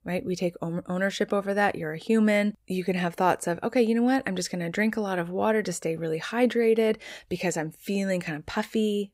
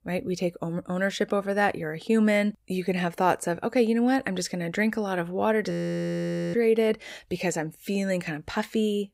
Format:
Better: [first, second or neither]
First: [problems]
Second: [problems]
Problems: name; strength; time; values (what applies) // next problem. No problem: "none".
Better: first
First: none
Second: audio freezing; at 5.5 s for 1 s